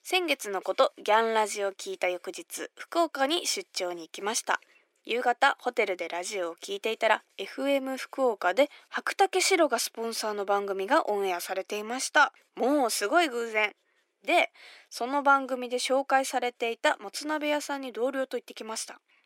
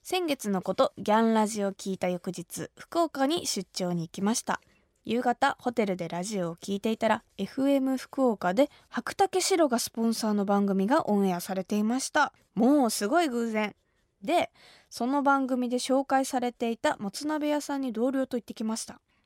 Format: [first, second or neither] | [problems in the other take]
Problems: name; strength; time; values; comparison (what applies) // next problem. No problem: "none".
second | thin; somewhat; fading below 300 Hz